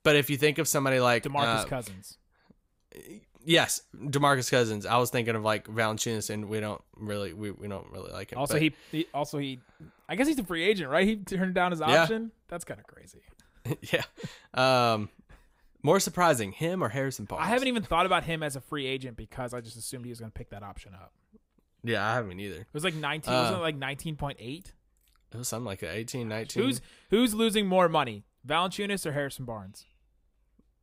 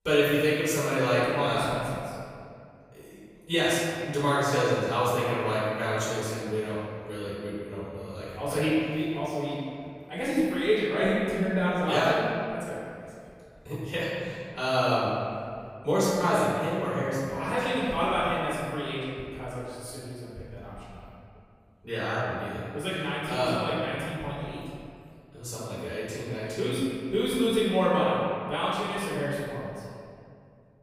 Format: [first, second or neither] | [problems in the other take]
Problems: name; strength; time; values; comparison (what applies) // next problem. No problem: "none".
first | off-mic speech; far // room echo; strong; dies away in 2.1 s